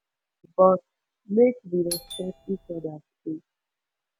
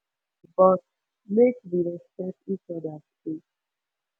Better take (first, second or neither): second